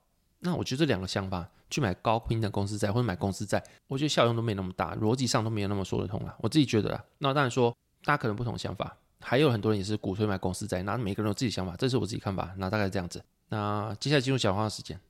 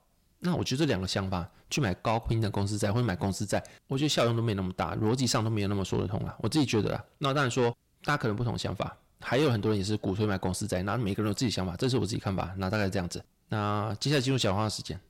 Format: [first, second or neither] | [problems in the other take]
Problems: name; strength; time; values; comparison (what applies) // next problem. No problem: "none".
first | distortion; slight; 10 dB below the speech